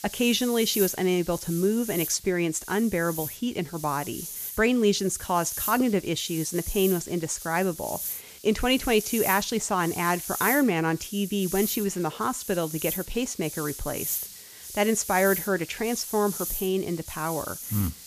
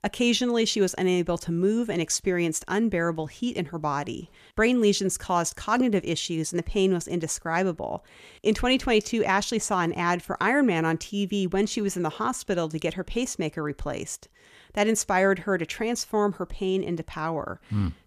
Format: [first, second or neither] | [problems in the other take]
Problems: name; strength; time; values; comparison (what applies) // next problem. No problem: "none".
second | hiss; loud; throughout; 7 dB below the speech